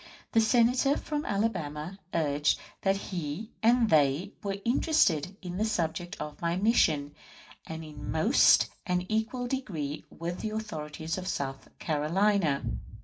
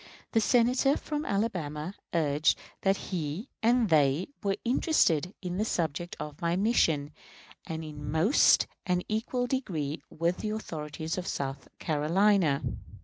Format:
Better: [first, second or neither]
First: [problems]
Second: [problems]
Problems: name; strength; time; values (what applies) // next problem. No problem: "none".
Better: second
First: room echo; dies away in 0.2 s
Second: none